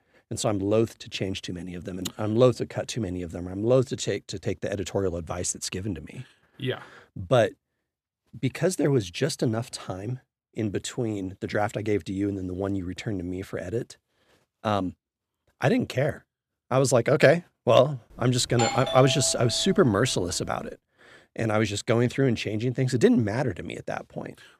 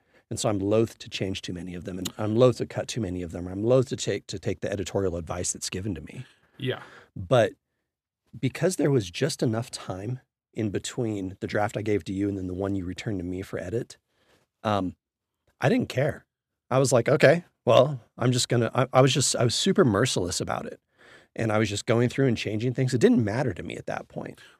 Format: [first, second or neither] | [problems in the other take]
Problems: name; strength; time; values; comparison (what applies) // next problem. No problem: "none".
second | doorbell; noticeable; from 18 to 20 s; peak 2 dB below the speech